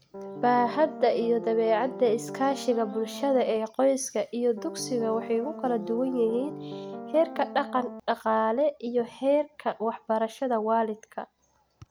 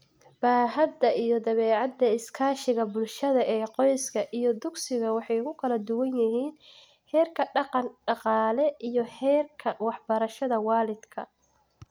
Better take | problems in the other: second | background sound (Piano); 11 dB below the speech

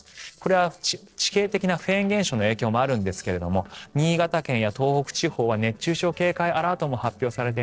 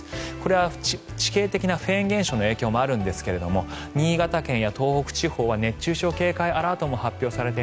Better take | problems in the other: second | noise reduction (neural separator model SepFormer DNS4)

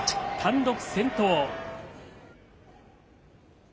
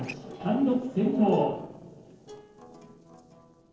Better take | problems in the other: first | noise reduction (neural separator model SepFormer DNS4)

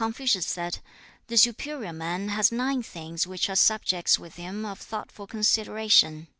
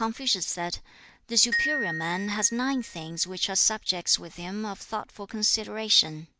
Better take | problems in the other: first | background sound (Glockenspiel); 6 dB below the speech

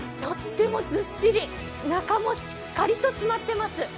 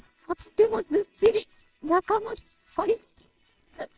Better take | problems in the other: first | noise reduction (neural separator model SepFormer WHAMR!)

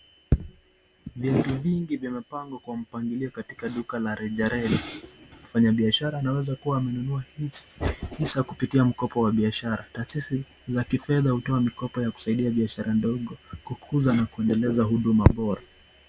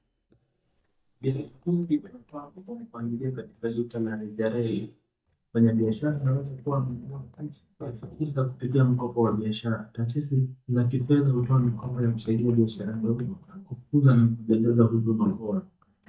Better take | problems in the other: first | noise reduction (neural mask model DeepFilterNet 3)

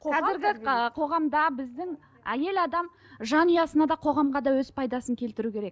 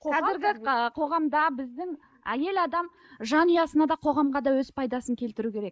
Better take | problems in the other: first | noise reduction (neural mask model Resemble Enhance denoiser)

